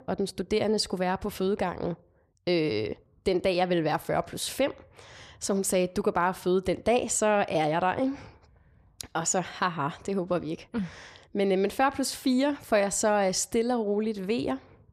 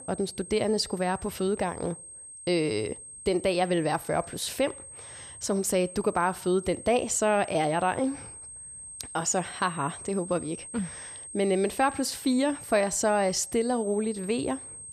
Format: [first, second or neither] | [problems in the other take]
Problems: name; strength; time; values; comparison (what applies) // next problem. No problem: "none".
first | high-pitched whine; noticeable; throughout; 8.5 kHz, 15 dB below the speech